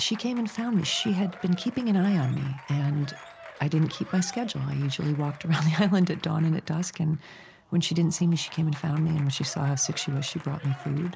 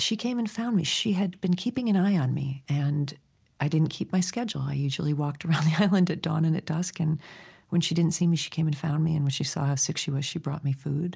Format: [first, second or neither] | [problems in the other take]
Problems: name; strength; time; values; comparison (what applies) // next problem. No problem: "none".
second | background sound (Squeak + Applause / Crowd); 19 dB below the speech